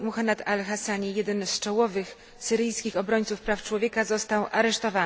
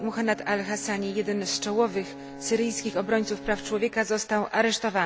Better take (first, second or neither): first